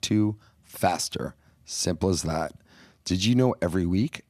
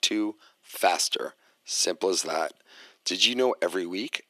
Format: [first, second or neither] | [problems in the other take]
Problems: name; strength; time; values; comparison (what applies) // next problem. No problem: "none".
first | thin; somewhat; fading below 350 Hz